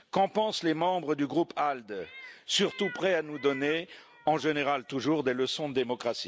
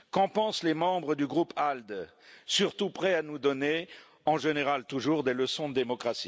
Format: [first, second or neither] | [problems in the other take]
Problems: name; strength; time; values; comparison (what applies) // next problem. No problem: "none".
second | background sound (Meow); 18 dB below the speech